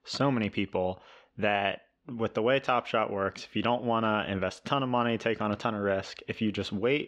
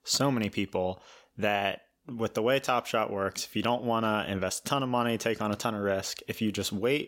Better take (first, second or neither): second